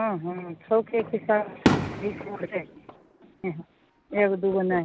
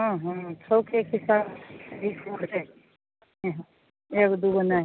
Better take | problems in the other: second | background sound (Fireworks); 5 dB below the speech

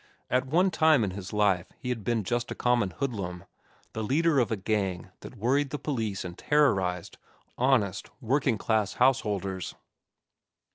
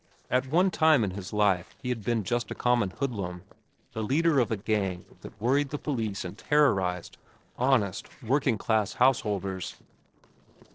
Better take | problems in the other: first | noise reduction (neural separator model SepFormer DNS4)

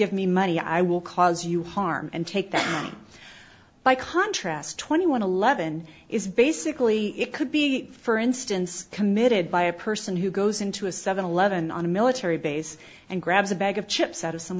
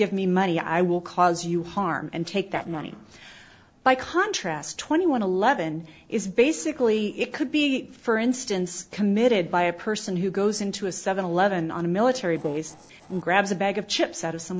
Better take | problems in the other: first | noise reduction (neural separator model SepFormer DNS4)

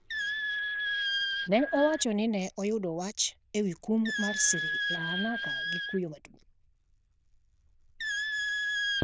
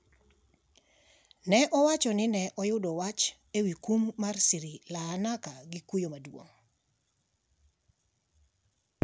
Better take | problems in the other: second | noise reduction (neural diffusion model UNIVERSE++)

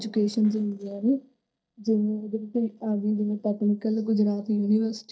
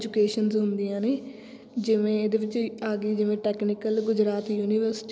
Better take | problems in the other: second | noise reduction (neural mask model DeepFilterNet 3)

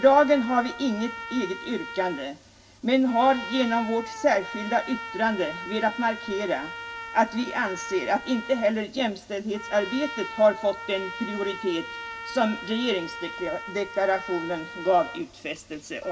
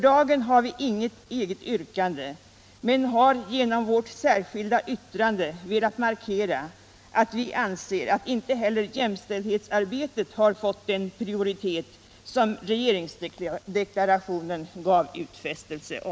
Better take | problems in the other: second | background sound (Trumpet); 12 dB below the speech // room echo; dies away in 0.2 s

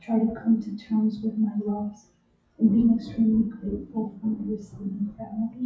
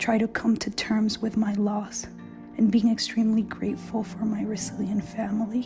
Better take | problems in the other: second | noise reduction (classical method WPE with log-MMSE)

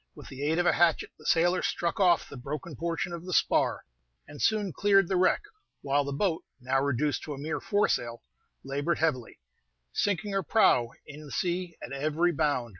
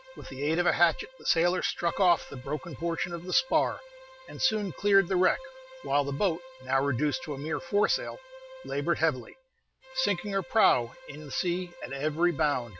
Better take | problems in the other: first | background sound (Bowed string instrument); 18 dB below the speech

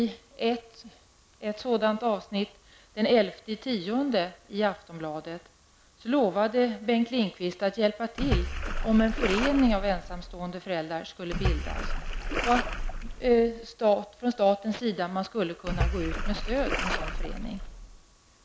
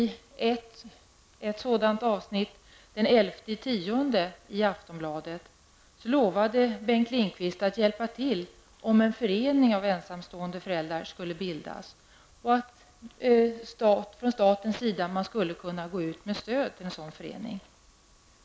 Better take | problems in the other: second | background sound (Splash, splatter); 2 dB below the speech

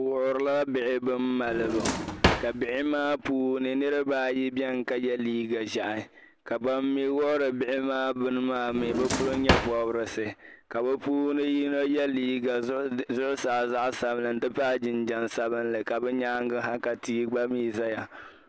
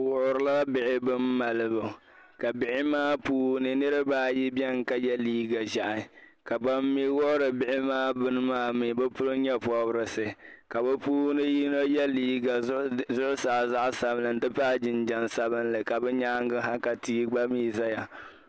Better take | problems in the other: second | background sound (Drawer open or close); 1 dB below the speech

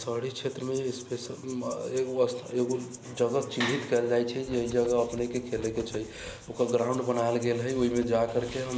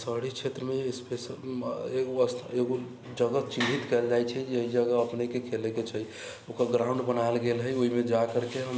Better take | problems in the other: second | background sound (Wind + Rattle (instrument)); 19 dB below the speech

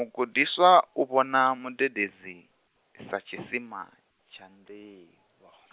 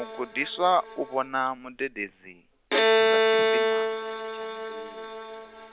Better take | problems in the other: first | background sound (Bowed string instrument); 5 dB above the speech

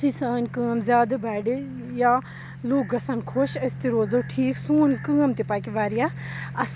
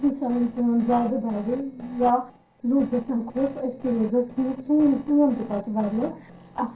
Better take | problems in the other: first | noise reduction (neural separator model SepFormer DNS4)

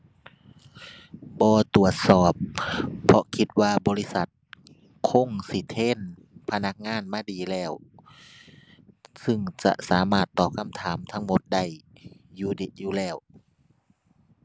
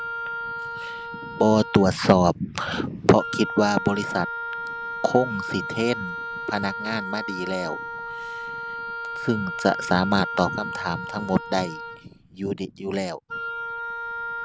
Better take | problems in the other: first | background sound (Wind instrument, woodwind instrument); 8 dB below the speech

